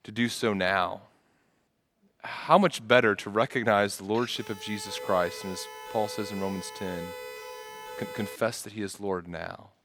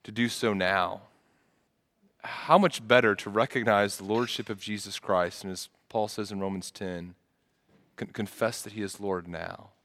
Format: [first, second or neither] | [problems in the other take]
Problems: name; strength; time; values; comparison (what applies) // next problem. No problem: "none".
second | siren; faint; from 4.5 to 8.5 s; peak 10 dB below the speech